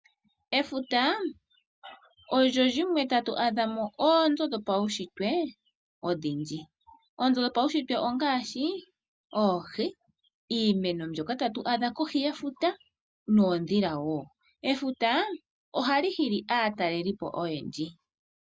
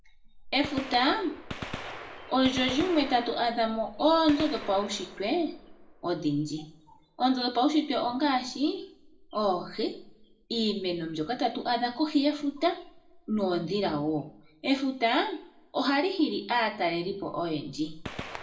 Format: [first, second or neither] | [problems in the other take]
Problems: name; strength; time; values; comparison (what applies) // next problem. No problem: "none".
first | background sound (Gunshot, gunfire); 16 dB below the speech // room echo; dies away in 0.5 s